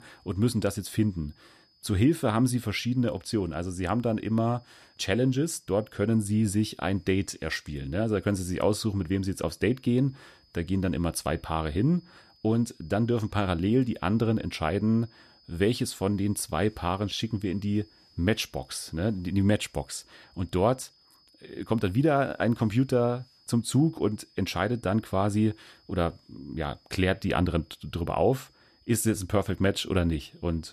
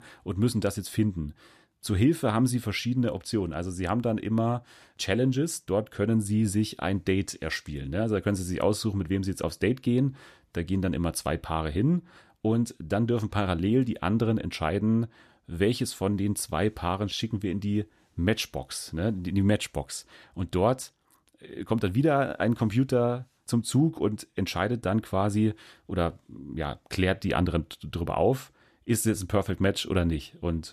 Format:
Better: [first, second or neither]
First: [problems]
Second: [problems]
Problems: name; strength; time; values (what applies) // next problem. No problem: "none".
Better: second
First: high-pitched whine; faint; throughout; 5 kHz, 30 dB below the speech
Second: none